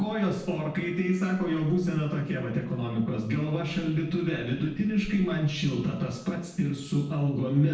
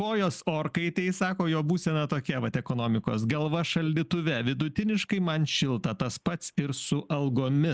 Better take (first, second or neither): second